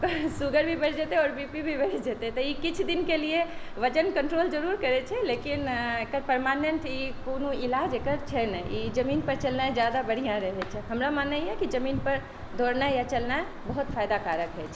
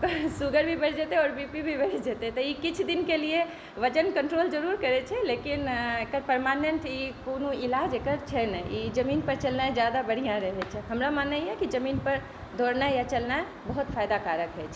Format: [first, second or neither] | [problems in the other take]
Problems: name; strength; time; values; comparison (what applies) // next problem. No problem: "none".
second | background sound (Livestock, farm animals, working animals); 11 dB below the speech